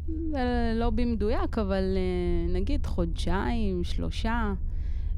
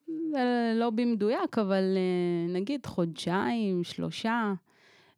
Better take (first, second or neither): second